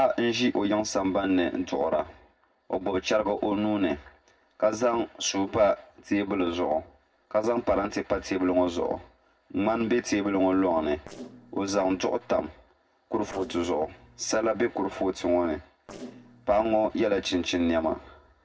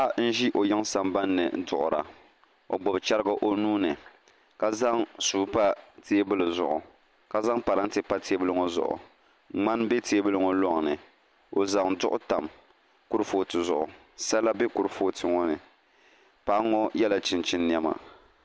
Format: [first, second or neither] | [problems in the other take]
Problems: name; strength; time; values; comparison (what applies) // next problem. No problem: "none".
second | noise reduction (neural separator model SepFormer DNS4)